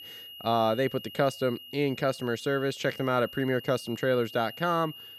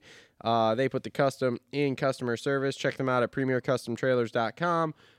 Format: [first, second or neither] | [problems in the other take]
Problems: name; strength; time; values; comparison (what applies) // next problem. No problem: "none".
second | high-pitched whine; noticeable; throughout; 3 kHz, 15 dB below the speech